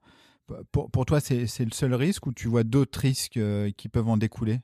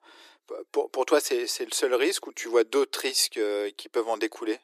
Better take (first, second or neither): first